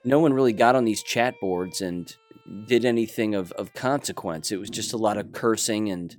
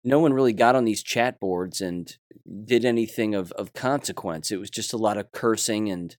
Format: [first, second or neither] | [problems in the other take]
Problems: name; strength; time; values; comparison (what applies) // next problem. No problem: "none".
second | background music; faint; throughout; 25 dB below the speech